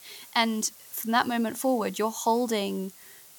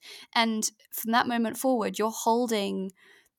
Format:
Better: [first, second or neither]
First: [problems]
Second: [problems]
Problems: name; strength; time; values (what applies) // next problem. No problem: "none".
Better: second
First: hiss; noticeable; throughout; 20 dB below the speech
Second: none